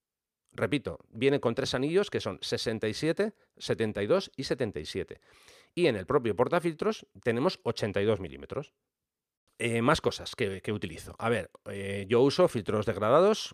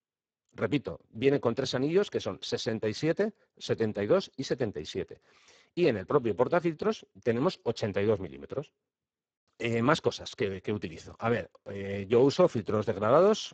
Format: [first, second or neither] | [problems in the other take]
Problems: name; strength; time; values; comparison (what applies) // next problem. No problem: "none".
first | garbled, watery; badly